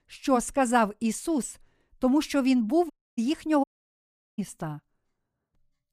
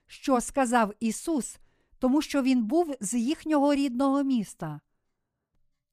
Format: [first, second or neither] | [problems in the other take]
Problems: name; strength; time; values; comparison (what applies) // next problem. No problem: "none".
second | audio cutting out; at 3 s and at 3.5 s for 0.5 s